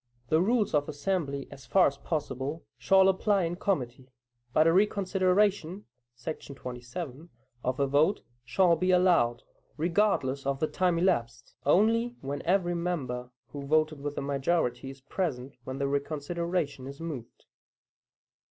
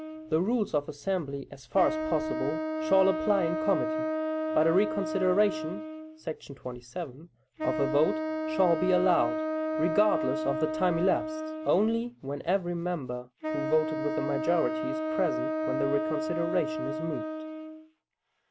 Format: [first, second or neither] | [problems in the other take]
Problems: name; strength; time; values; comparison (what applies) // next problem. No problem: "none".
first | background sound (Wind instrument, woodwind instrument); 3 dB below the speech